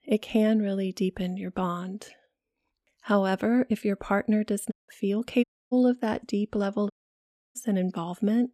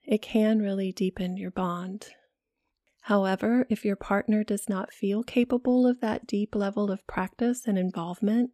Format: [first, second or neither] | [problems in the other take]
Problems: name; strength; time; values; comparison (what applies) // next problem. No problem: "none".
second | audio cutting out; at 4.5 s, at 5.5 s and at 7 s for 0.5 s